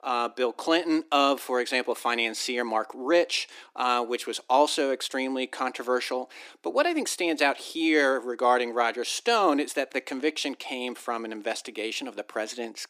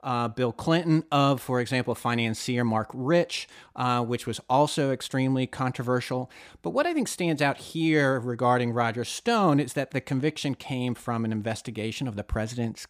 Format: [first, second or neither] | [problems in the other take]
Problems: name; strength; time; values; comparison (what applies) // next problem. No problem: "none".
second | thin; somewhat; fading below 300 Hz